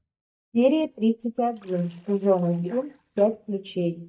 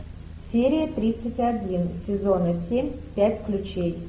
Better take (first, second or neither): second